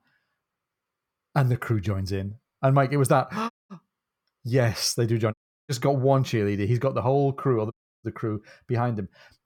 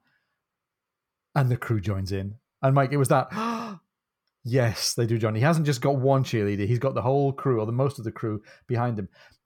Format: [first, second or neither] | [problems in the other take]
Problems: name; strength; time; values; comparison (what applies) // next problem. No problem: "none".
second | audio cutting out; at 3.5 s, at 5.5 s and at 7.5 s